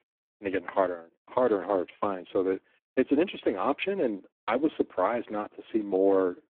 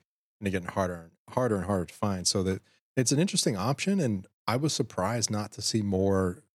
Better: second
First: phone-call audio; poor line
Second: none

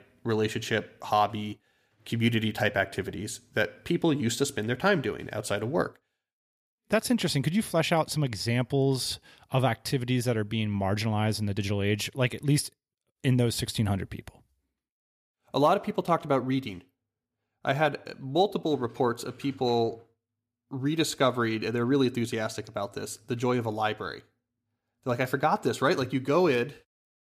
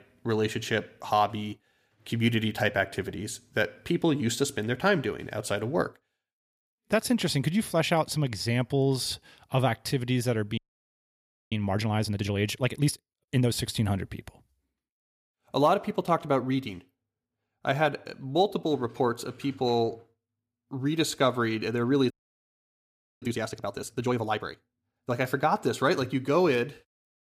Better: first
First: none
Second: audio freezing; at 11 s for 1 s and at 22 s for 1 s

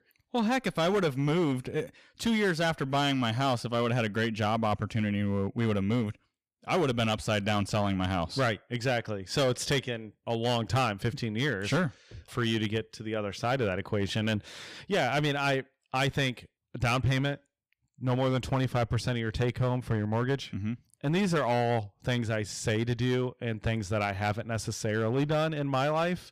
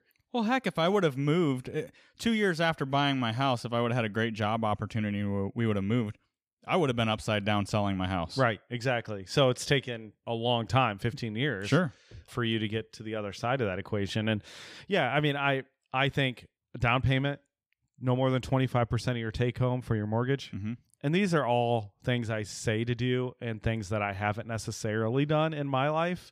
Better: second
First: distortion; slight; 8% of the sound clipped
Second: none

